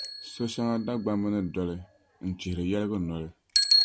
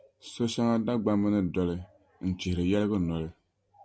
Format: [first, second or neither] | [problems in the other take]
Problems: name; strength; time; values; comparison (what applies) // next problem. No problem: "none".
second | background sound (Bicycle); 1 dB above the speech